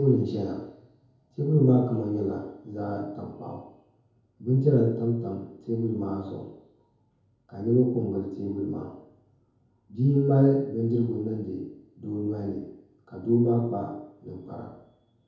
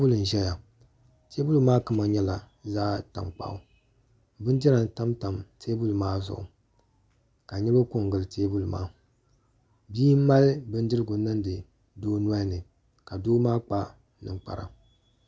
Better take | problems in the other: second | room echo; dies away in 0.9 s

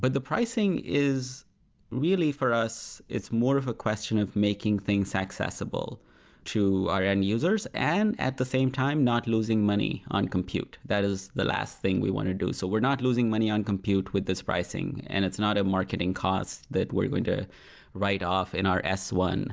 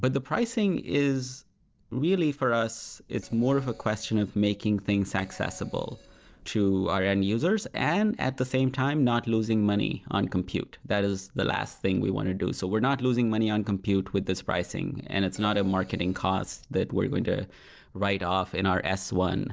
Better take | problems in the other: first | noise reduction (neural separator model SepFormer DNS4)

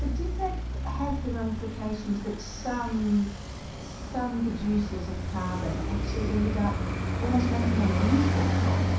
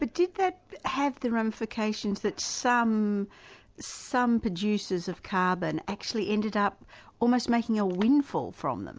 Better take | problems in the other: second | background sound (Traffic noise, roadway noise); 1 dB above the speech // room echo; dies away in 0.7 s

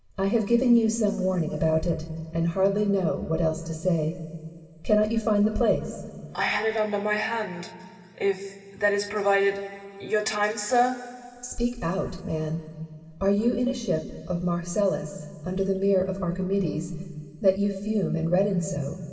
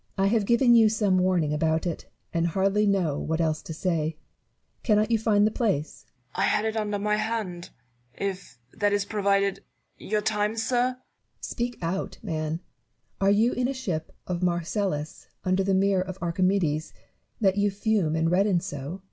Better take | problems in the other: second | room echo; dies away in 2.3 s

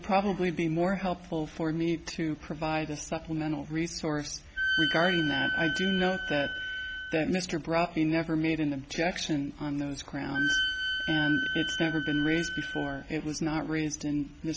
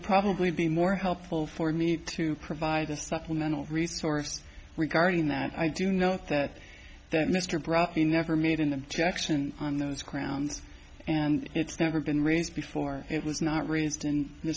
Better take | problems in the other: second | background sound (Wind instrument, woodwind instrument); 2 dB below the speech

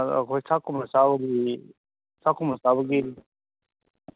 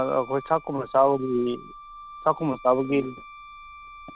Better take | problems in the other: first | background sound (Wind instrument, woodwind instrument); 18 dB below the speech

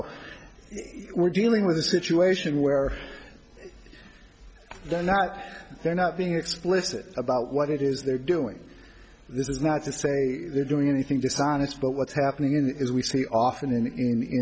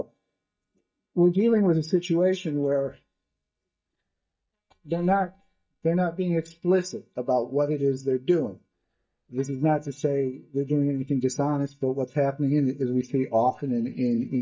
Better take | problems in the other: first | noise reduction (neural mask model DeepFilterNet 3)

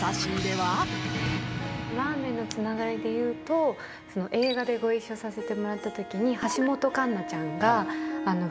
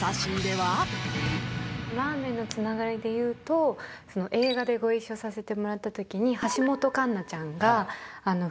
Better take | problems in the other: second | background sound (Harp); 10 dB below the speech

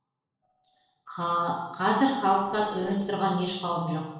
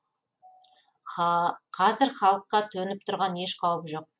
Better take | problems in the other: second | noise reduction (neural separator model SepFormer DNS4)

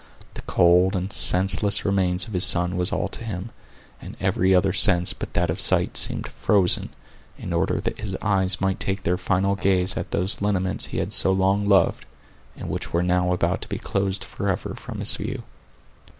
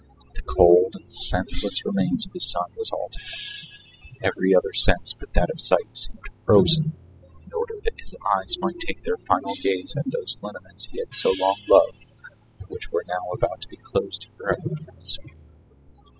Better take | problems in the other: first | noise reduction (classical method spectral subtraction)

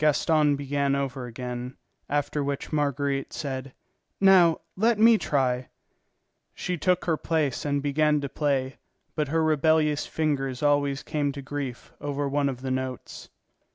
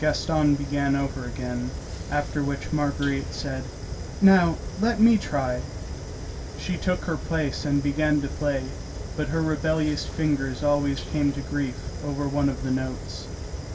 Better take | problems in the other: first | background sound (Fire); 8 dB below the speech // room echo; dies away in 0.2 s

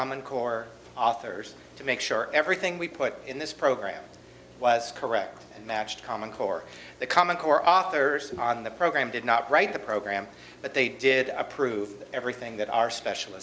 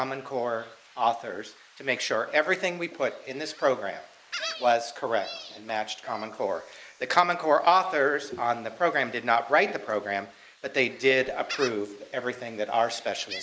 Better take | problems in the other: first | noise reduction (neural mask model Resemble Enhance denoiser)

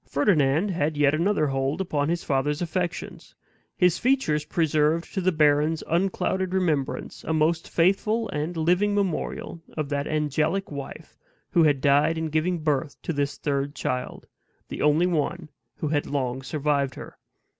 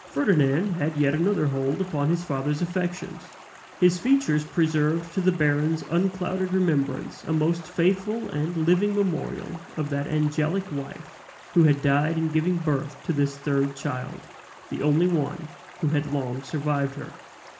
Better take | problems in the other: first | background sound (Stream); 20 dB below the speech // room echo; dies away in 0.4 s

